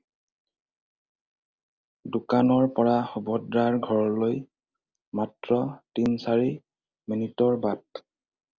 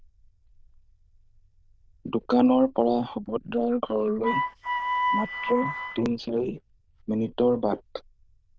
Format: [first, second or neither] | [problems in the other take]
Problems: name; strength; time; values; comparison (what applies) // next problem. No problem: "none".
first | noise reduction (neural diffusion model UNIVERSE++)